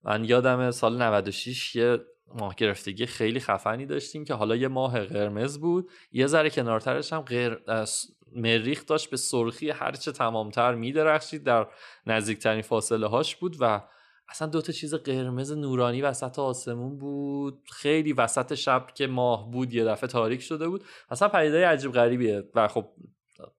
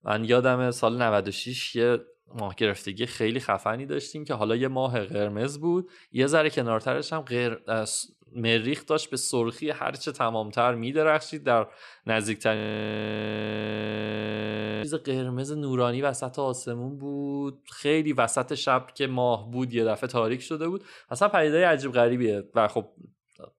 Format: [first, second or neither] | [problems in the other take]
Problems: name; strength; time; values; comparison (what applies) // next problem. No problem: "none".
first | audio freezing; at 13 s for 2.5 s